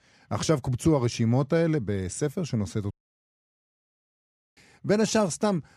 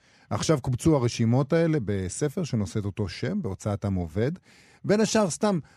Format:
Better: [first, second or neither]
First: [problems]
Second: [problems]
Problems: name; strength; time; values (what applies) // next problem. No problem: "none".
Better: second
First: audio cutting out; at 3 s for 1.5 s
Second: none